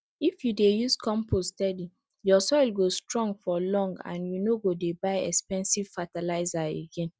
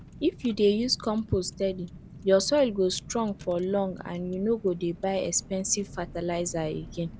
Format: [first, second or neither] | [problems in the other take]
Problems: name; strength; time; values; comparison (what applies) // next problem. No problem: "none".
first | background sound (Car); 17 dB below the speech